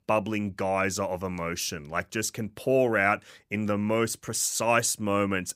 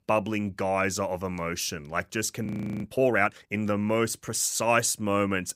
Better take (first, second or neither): first